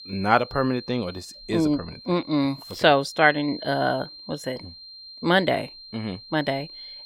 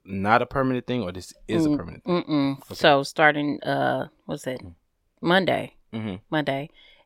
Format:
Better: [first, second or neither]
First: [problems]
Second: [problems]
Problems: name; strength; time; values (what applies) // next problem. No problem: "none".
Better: second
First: high-pitched whine; noticeable; throughout; 4 kHz, 15 dB below the speech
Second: none